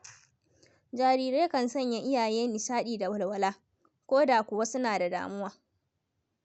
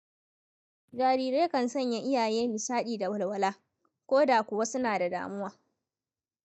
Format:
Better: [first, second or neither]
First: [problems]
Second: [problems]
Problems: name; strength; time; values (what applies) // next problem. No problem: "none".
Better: first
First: none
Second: noise reduction (neural mask model DeepFilterNet 3)